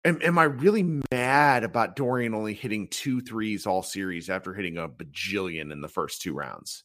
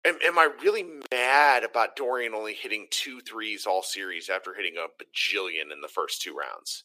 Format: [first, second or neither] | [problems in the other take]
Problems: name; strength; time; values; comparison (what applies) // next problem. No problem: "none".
first | thin; very; fading below 400 Hz